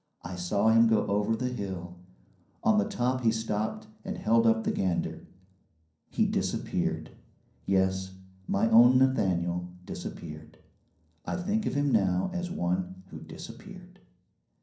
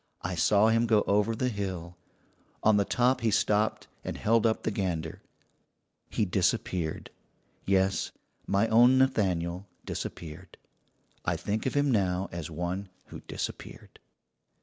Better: second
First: room echo; dies away in 0.6 s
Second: none

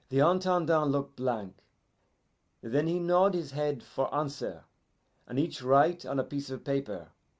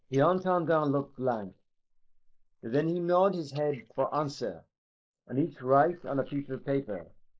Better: first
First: none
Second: noise reduction (neural mask model Resemble Enhance denoiser)

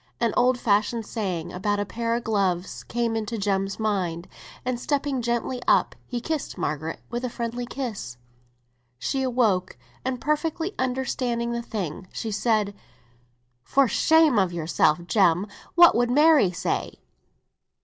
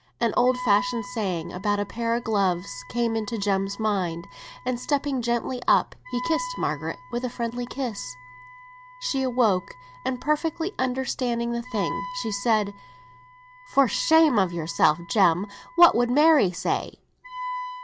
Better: first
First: none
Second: background sound (Wind instrument, woodwind instrument); 15 dB below the speech

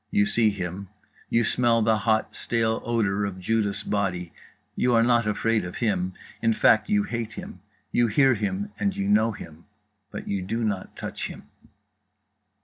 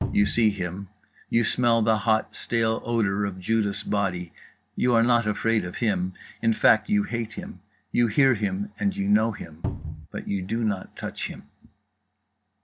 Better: first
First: none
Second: background sound (Cupboard open or close); 4 dB below the speech

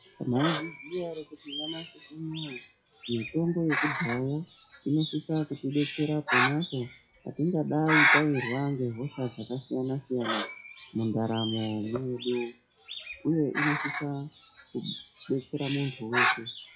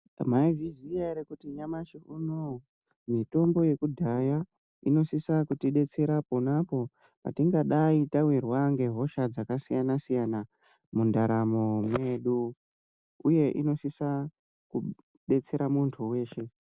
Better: second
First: noise reduction (classical method WPE with log-MMSE)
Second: none

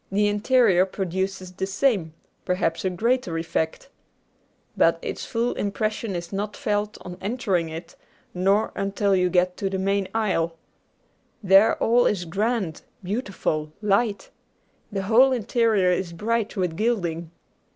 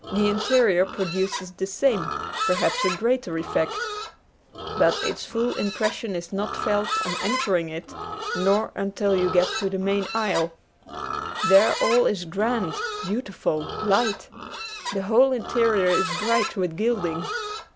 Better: first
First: none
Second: background sound (Livestock, farm animals, working animals); 7 dB below the speech

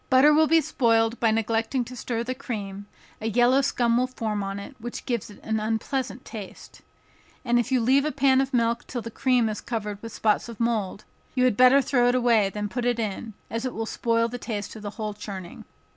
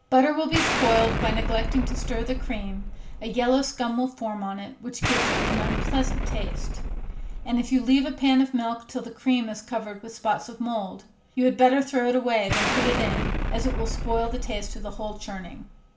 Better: first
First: none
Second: background sound (Explosion); 1 dB below the speech // room echo; dies away in 0.3 s

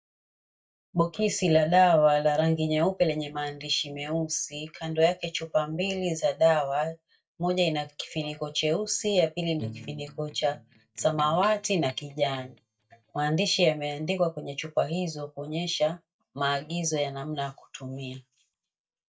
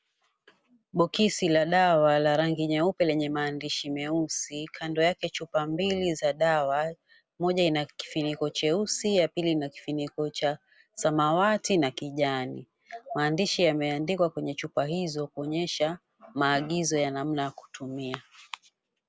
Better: second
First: noise reduction (neural mask model DeepFilterNet 3)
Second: none

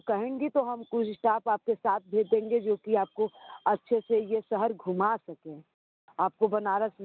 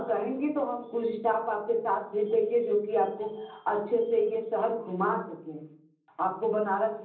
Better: first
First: none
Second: room echo; dies away in 0.6 s

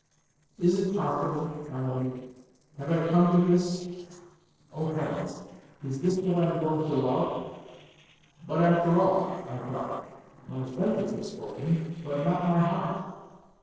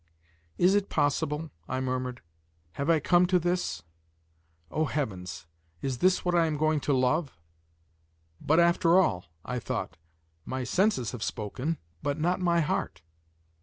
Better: second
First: noise reduction (neural separator model SepFormer DNS4)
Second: none

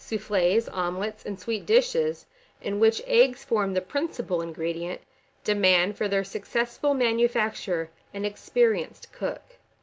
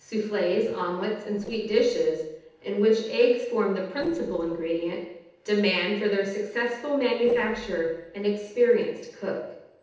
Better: first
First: none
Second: noise reduction (neural separator model SepFormer DNS4)

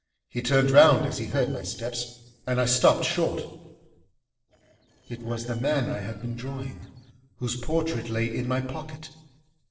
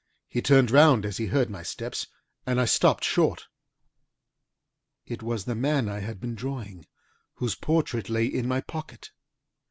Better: second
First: noise reduction (neural separator model SepFormer DNS4)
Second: none

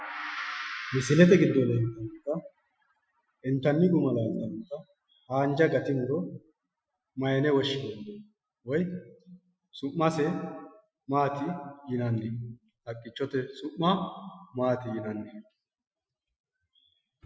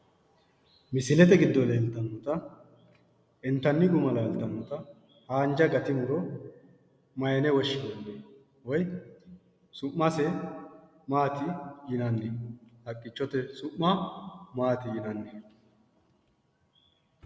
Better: second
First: noise reduction (classical method Wiener filter)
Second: none

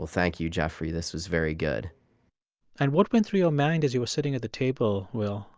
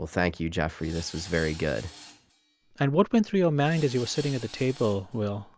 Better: first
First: none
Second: background sound (Tools); 20 dB below the speech

